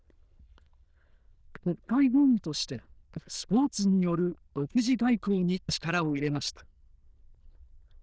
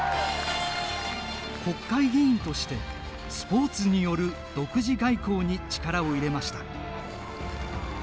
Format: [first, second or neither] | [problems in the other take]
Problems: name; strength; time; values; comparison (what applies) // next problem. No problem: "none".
second | noise reduction (neural diffusion model UNIVERSE++)